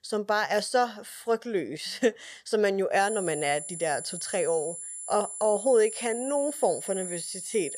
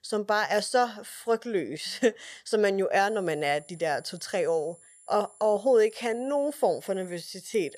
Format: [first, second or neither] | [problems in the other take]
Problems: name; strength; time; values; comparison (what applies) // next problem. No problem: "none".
second | high-pitched whine; loud; from 3 s on; 10 kHz, 7 dB below the speech; faint in the second